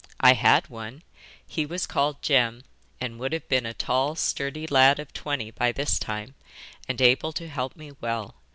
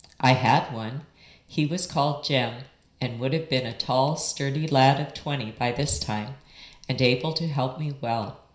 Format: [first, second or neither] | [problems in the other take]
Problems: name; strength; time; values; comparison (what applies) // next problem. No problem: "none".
first | room echo; dies away in 0.5 s